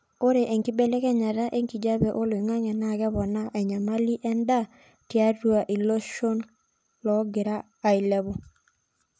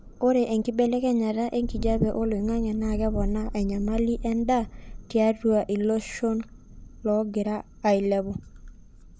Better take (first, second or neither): first